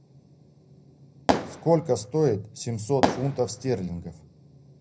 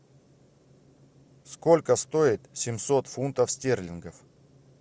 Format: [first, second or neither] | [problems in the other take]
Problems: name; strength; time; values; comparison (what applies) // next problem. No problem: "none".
second | background sound (Fireworks); 1 dB below the speech // room echo; dies away in 0.4 s